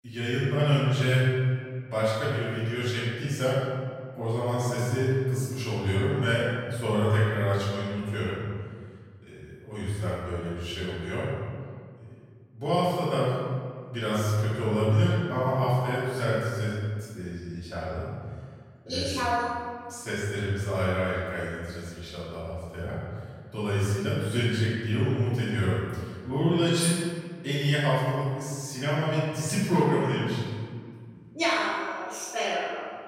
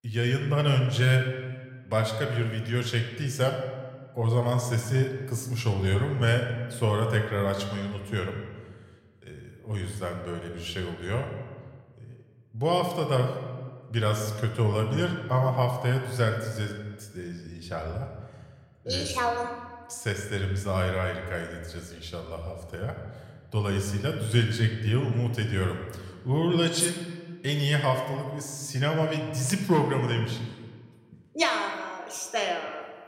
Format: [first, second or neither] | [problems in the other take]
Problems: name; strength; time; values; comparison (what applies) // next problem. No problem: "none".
second | room echo; strong; dies away in 1.7 s; slight in the second // off-mic speech; far